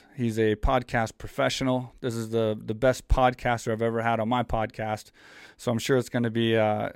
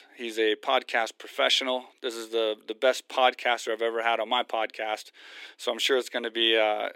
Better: first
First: none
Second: thin; very; fading below 300 Hz

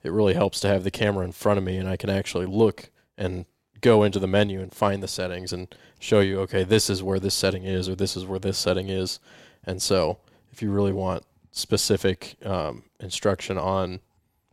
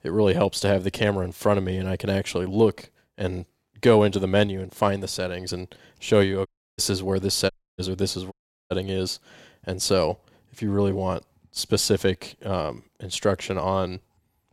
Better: first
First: none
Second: audio cutting out; at 6.5 s, at 7.5 s and at 8.5 s

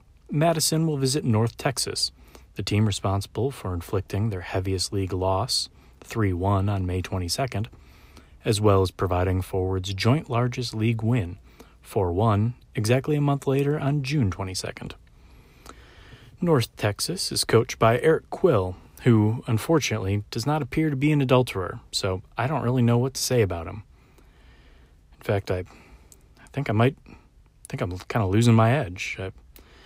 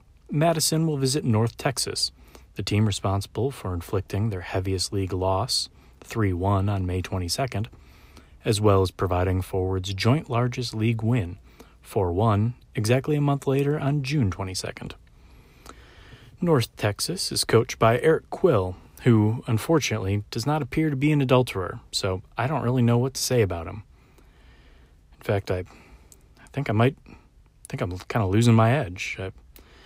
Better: neither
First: none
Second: none

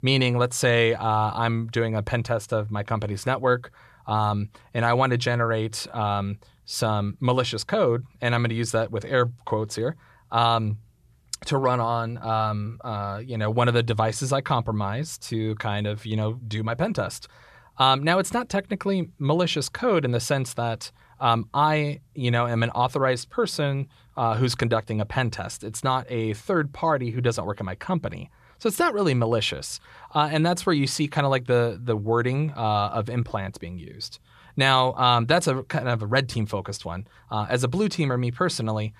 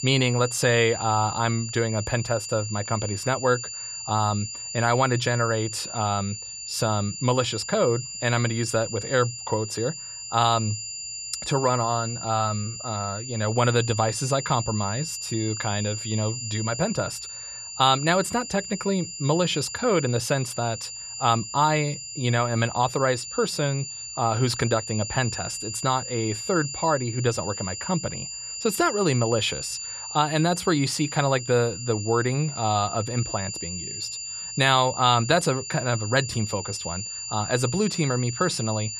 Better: first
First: none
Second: high-pitched whine; loud; throughout; 7 kHz, 7 dB below the speech

